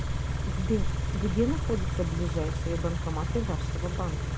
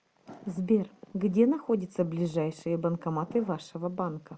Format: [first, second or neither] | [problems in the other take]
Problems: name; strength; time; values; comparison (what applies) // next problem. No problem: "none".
second | background sound (Idling / Car); 4 dB above the speech